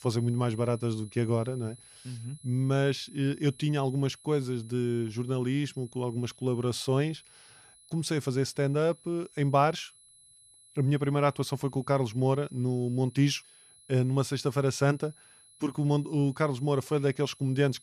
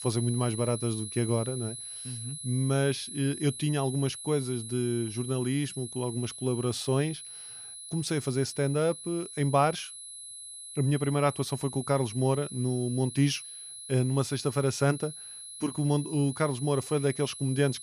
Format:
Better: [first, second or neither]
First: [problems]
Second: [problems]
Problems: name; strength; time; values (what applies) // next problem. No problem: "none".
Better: first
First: high-pitched whine; faint; throughout; 10.5 kHz, 25 dB below the speech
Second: high-pitched whine; loud; throughout; 10.5 kHz, 10 dB below the speech